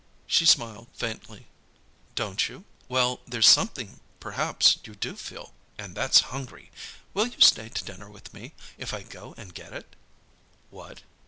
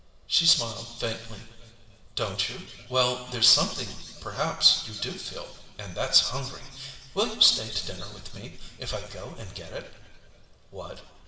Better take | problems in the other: first | room echo; dies away in 2.2 s

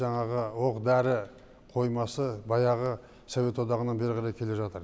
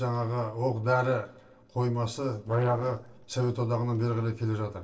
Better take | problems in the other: first | noise reduction (neural separator model SepFormer DNS4)

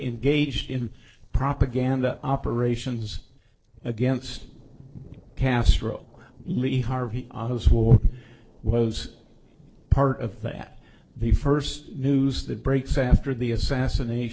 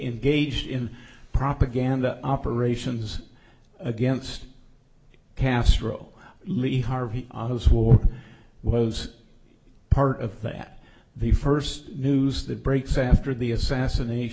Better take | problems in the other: second | noise reduction (neural separator model SepFormer DNS4)

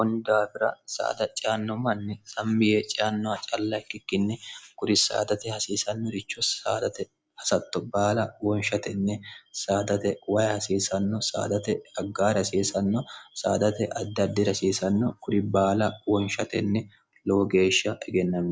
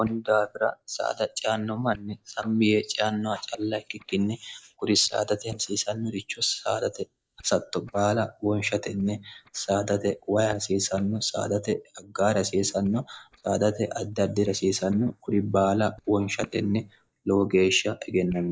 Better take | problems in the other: first | noise reduction (neural mask model DeepFilterNet 3)

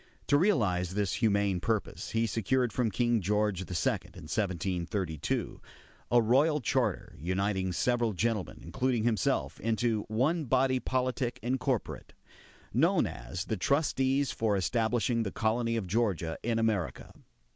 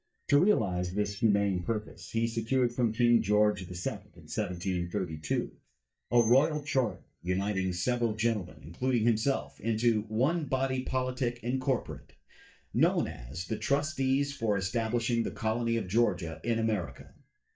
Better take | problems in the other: first | noise reduction (neural mask model DeepFilterNet 3)

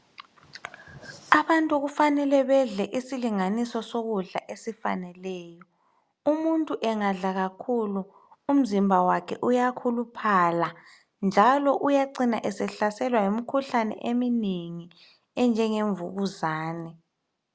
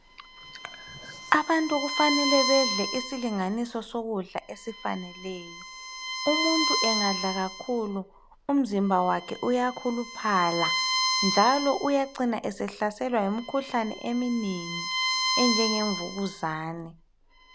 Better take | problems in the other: first | background sound (Bowed string instrument); 4 dB below the speech

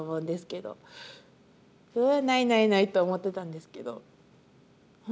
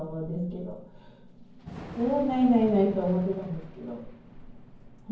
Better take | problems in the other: first | background sound (Thunder / Rain); 16 dB below the speech // room echo; dies away in 0.9 s

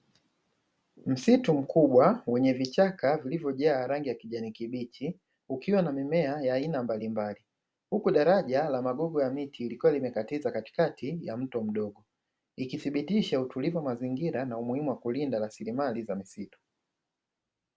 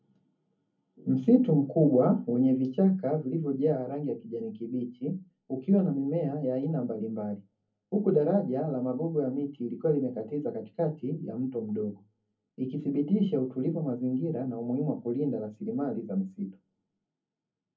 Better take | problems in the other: first | room echo; dies away in 0.3 s

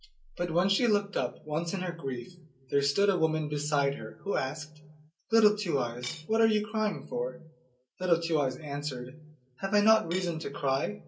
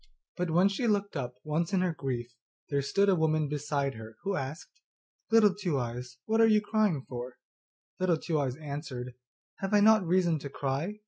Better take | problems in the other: second | background sound (Cutlery, silverware / Dishes, pots, and pans); 14 dB below the speech // room echo; dies away in 0.2 s

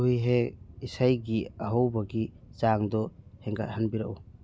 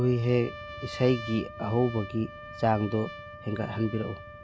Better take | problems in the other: first | background sound (Trumpet); 14 dB below the speech

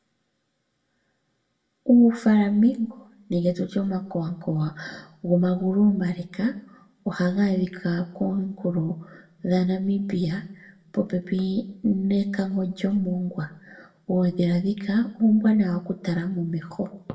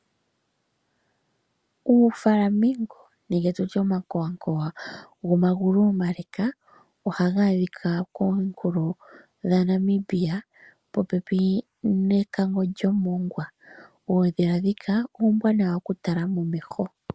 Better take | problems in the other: second | room echo; dies away in 0.5 s

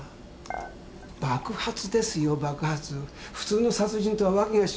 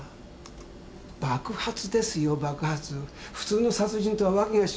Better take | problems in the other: second | background sound (Dishes, pots, and pans / Chink, clink); 16 dB below the speech

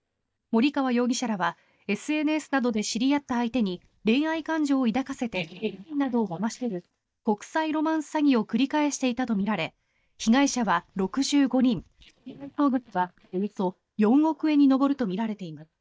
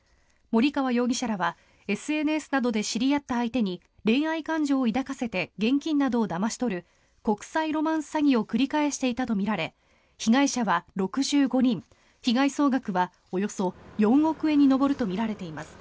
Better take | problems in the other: second | noise reduction (neural mask model DeepFilterNet 3)

